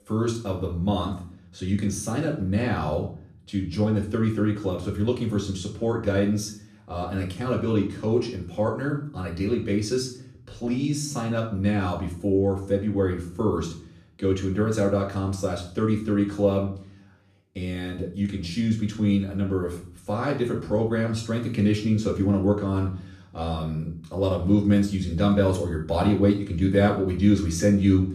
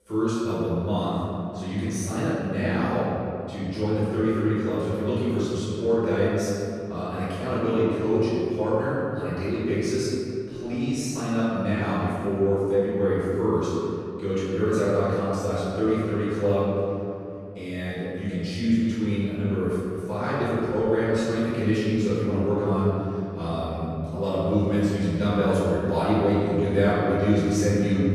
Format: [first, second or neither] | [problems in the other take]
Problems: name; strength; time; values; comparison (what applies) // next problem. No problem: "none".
first | room echo; strong; dies away in 2.6 s; slight in the first // off-mic speech; far; far in the first